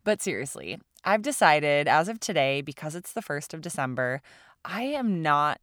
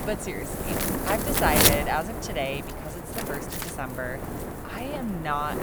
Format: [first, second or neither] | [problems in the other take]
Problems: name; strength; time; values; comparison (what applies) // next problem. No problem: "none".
first | wind noise on the microphone; heavy; as loud as the speech